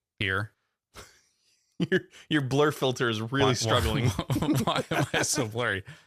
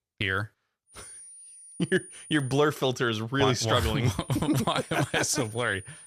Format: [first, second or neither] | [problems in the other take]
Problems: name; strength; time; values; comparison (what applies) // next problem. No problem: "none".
first | high-pitched whine; noticeable; from 1 to 2.5 s and from 4 s on; 9.5 kHz, 20 dB below the speech